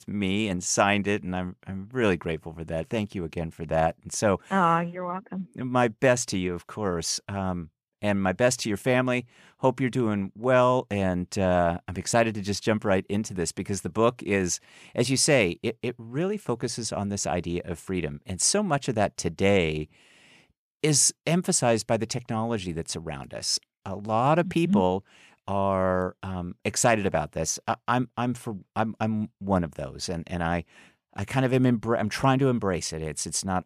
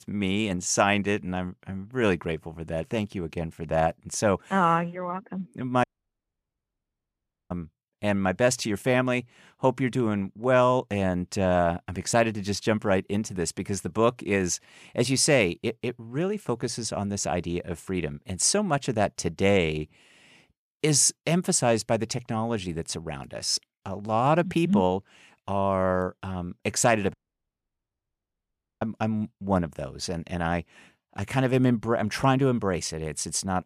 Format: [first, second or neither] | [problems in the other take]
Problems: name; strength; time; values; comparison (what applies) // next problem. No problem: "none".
first | audio cutting out; at 6 s for 1.5 s and at 27 s for 1.5 s